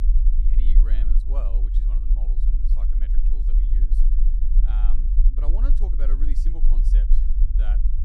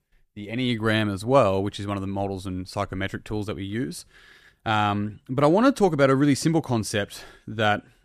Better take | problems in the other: second | low rumble; loud; throughout; 2 dB below the speech

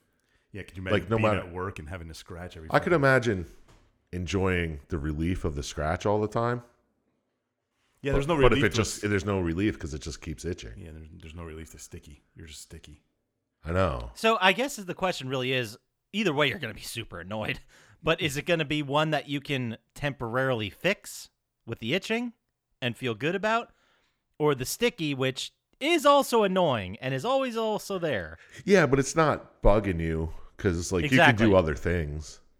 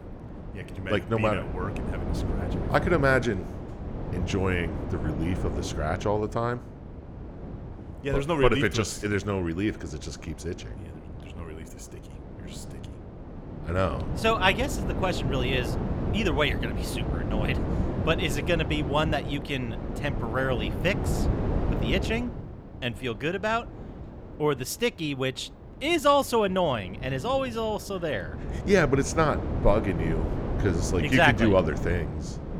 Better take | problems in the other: first | wind noise on the microphone; occasional gusts; 10 dB below the speech

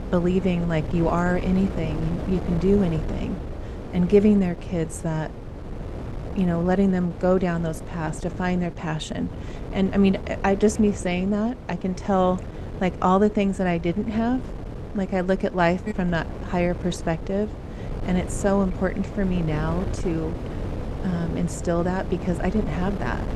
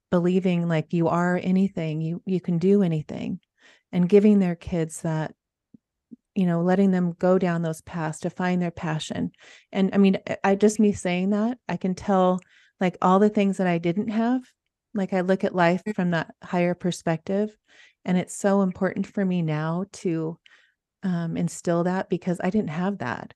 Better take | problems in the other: second | wind noise on the microphone; occasional gusts; 10 dB below the speech

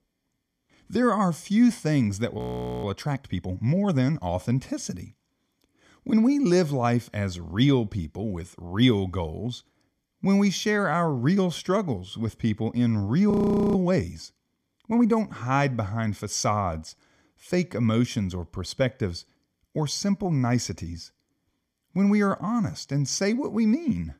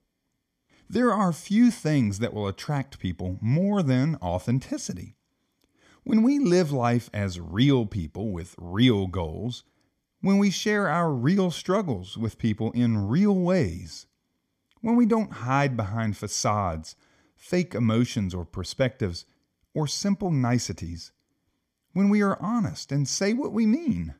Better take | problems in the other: second | audio freezing; at 2.5 s and at 13 s

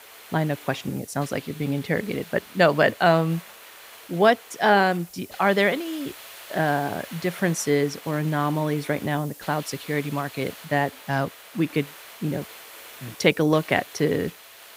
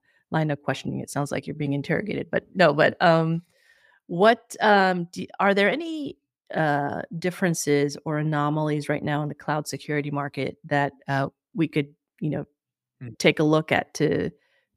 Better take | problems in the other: second | hiss; noticeable; throughout; 15 dB below the speech

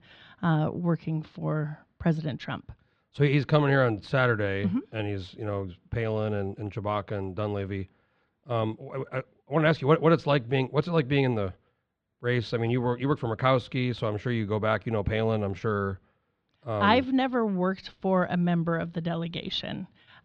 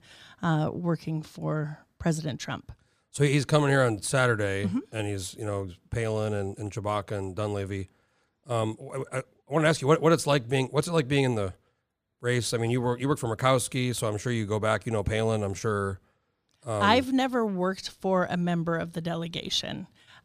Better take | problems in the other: second | muffled; slightly; fading above 3.5 kHz

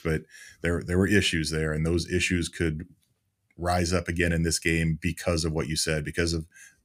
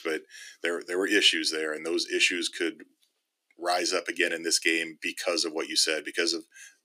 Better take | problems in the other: first | thin; very; fading below 300 Hz

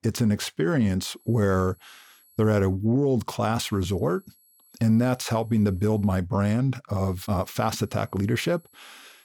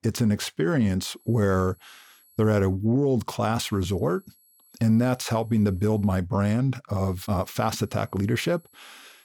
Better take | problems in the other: neither | high-pitched whine; faint; from 1 to 2.5 s, from 3.5 to 6 s and from 7 s on; 11.5 kHz, 30 dB below the speech; the same in both

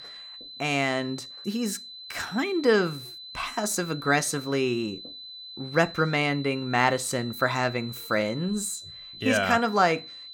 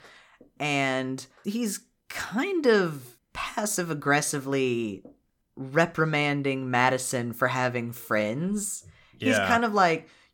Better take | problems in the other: second | high-pitched whine; noticeable; throughout; 4 kHz, 15 dB below the speech

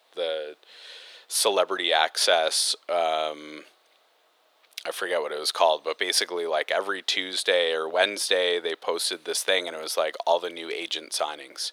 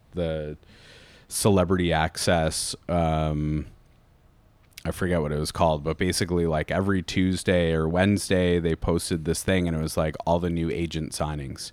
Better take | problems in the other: second | thin; very; fading below 450 Hz

